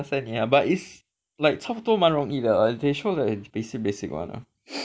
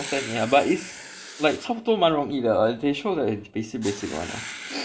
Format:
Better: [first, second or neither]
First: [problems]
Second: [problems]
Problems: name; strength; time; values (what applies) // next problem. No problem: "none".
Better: first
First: none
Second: background sound (Writing); 15 dB below the speech // room echo; dies away in 0.4 s